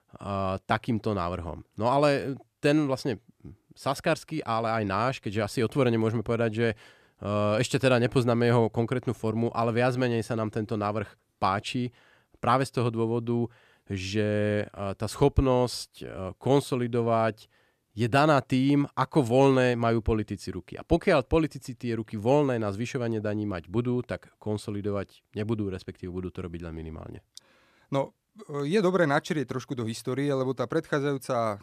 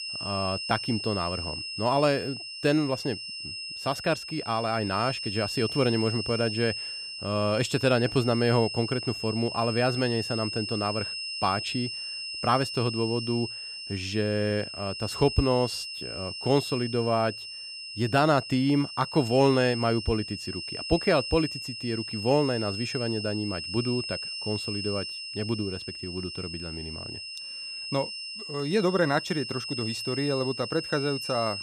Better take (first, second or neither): first